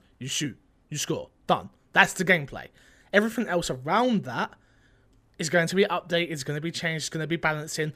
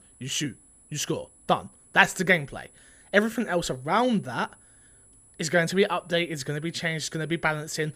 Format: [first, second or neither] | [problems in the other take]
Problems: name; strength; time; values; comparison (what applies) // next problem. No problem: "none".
first | high-pitched whine; faint; throughout; 10.5 kHz, 25 dB below the speech